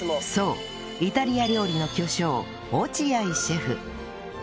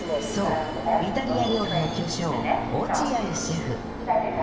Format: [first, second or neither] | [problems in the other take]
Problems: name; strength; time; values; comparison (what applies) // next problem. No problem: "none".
first | background sound (Subway, metro, underground); 1 dB above the speech // room echo; dies away in 0.8 s